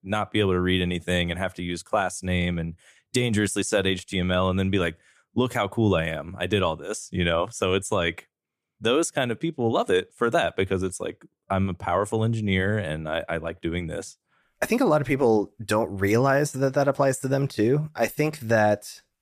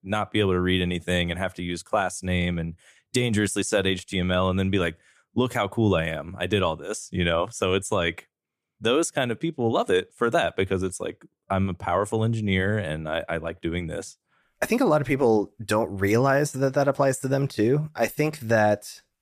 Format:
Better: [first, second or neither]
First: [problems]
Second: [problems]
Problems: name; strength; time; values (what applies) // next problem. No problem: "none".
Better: neither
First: none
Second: none